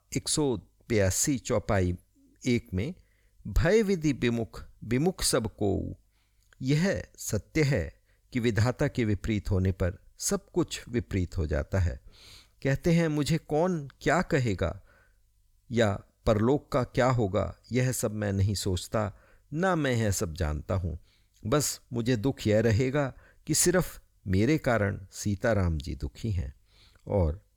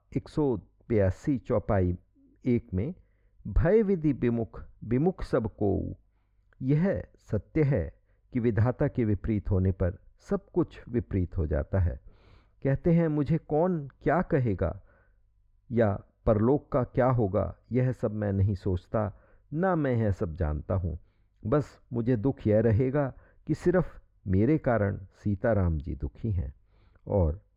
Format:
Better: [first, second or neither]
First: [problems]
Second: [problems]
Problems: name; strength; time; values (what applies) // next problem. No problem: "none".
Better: first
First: none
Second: muffled; very; fading above 3.5 kHz